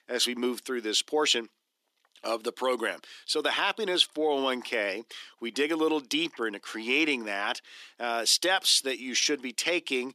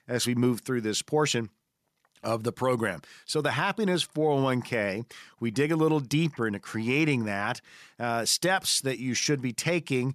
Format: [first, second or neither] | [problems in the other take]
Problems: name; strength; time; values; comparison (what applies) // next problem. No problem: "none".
second | thin; somewhat; fading below 250 Hz